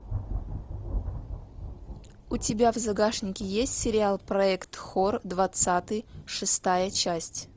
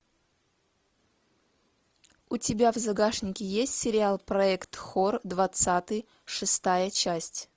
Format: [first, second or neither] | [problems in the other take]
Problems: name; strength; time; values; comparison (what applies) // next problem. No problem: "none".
second | background sound (Thunder); 10 dB below the speech